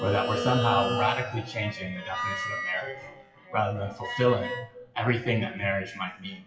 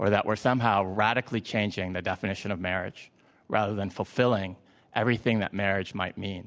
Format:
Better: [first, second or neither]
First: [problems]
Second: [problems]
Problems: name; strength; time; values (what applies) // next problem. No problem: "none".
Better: second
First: noise reduction (classical method WPE with log-MMSE)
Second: none